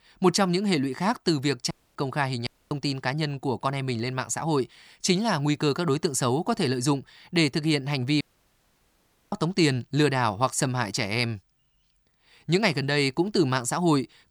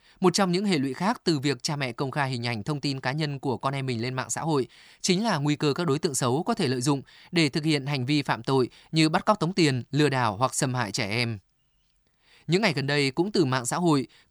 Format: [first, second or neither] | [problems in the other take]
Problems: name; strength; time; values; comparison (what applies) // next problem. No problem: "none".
second | audio cutting out; at 1.5 s, at 2.5 s and at 8 s for 1 s